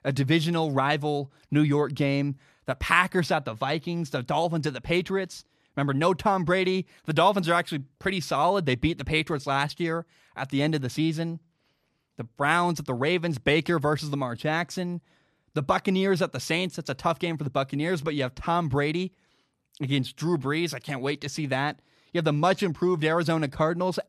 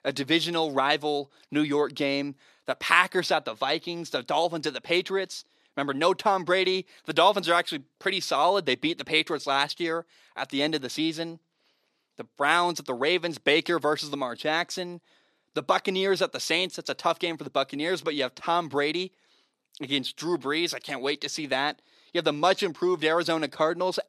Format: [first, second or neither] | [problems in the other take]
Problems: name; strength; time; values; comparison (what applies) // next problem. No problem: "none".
first | thin; somewhat; fading below 350 Hz